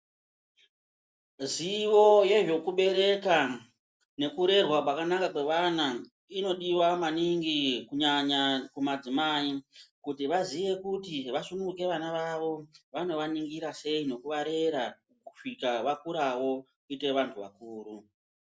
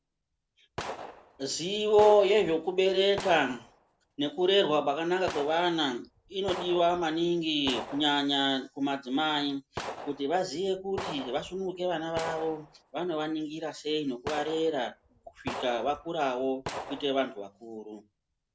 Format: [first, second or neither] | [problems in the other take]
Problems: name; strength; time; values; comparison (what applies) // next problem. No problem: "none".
first | background sound (Gunshot, gunfire); 14 dB below the speech